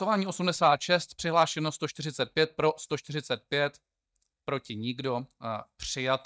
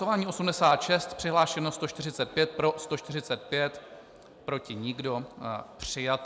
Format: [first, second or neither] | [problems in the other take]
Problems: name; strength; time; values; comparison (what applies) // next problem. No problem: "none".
second | noise reduction (neural mask model DeepFilterNet 3)